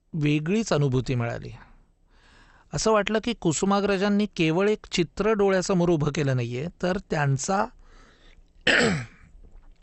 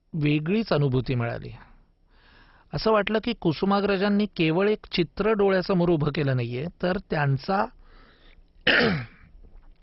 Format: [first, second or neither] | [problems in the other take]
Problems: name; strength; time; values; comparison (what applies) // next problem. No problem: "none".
first | garbled, watery; badly; nothing above 5.5 kHz; slightly in the first